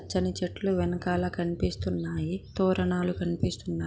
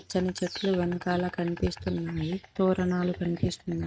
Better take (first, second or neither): first